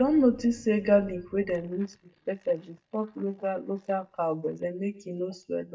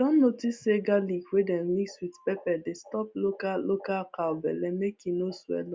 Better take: second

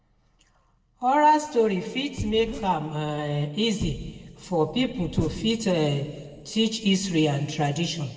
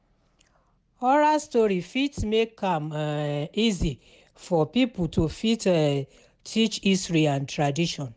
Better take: second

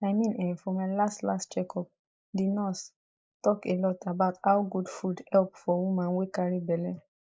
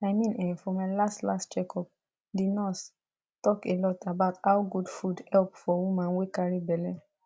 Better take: second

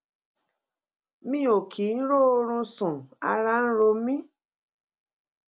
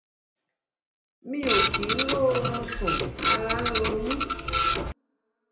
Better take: first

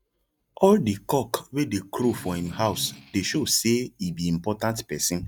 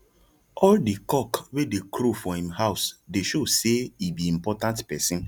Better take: second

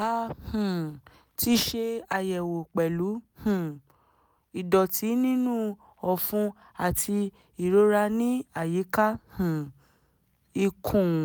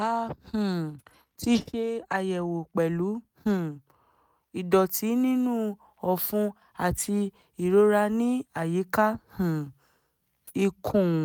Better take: first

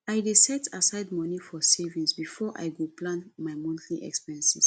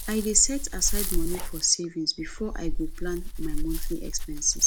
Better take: first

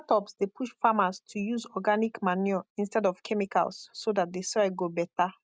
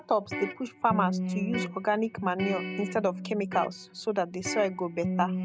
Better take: first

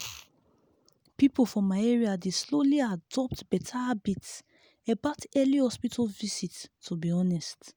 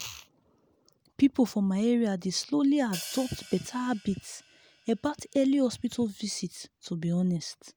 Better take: first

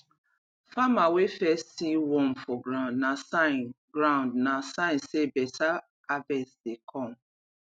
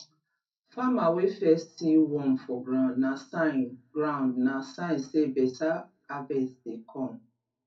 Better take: first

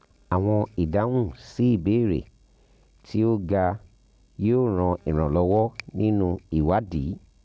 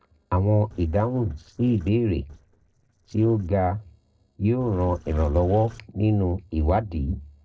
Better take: first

